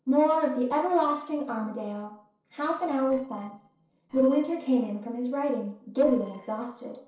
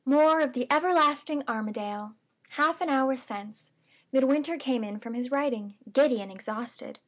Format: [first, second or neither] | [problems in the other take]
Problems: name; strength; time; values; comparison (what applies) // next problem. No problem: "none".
second | noise reduction (neural separator model SepFormer DNS4)